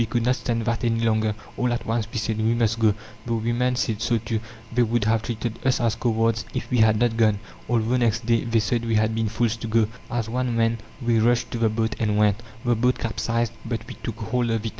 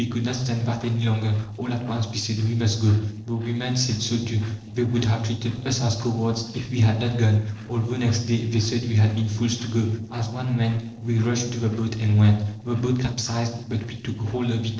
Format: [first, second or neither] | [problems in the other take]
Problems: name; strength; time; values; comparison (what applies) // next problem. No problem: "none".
first | noise reduction (neural separator model SepFormer DNS4)